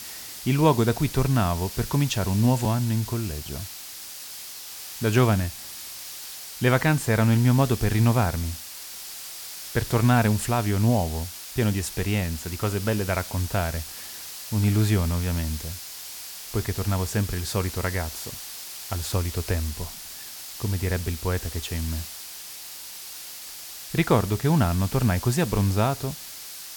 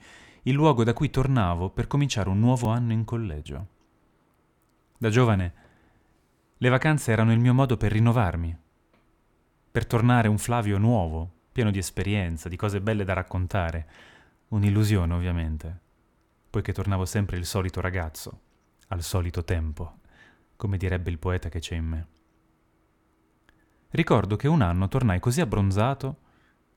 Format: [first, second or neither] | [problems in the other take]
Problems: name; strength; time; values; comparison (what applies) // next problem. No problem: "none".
second | hiss; noticeable; throughout; 10 dB below the speech